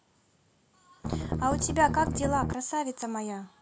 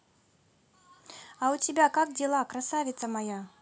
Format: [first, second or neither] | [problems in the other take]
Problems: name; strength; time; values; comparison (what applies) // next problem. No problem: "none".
second | background sound (Strum); 1 dB below the speech